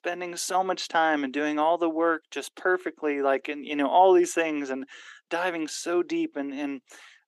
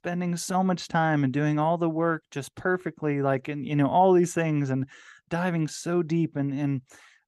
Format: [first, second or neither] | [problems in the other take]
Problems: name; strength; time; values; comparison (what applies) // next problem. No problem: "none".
second | thin; somewhat; fading below 300 Hz